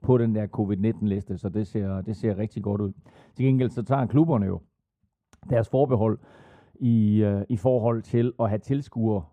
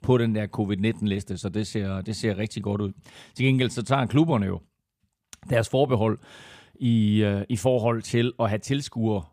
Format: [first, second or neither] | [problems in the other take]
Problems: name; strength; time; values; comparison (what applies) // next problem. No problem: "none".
second | muffled; very; fading above 1.5 kHz